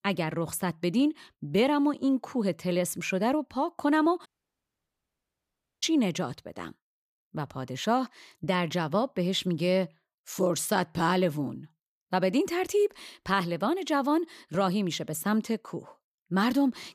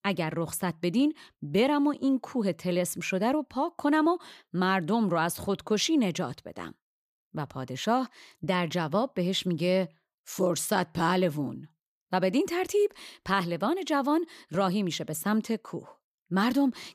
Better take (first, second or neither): second